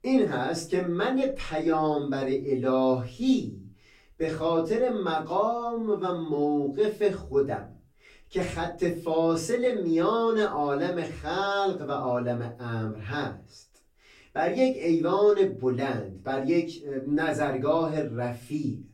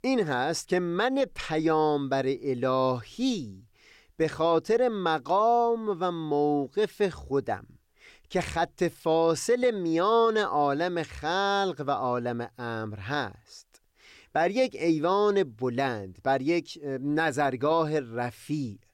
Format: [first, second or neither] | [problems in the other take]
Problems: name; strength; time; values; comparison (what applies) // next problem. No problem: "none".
second | off-mic speech; far // room echo; slight; dies away in 0.3 s